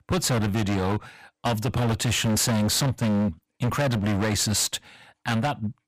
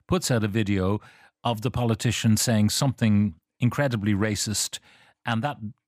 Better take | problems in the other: second | distortion; heavy; 26% of the sound clipped

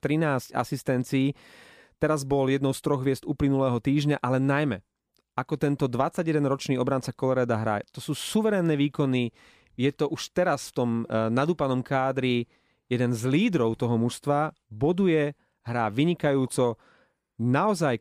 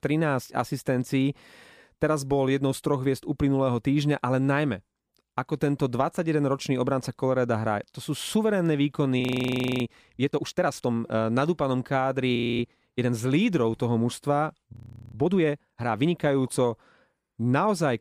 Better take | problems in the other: first | audio freezing; at 9 s for 0.5 s, at 12 s and at 15 s

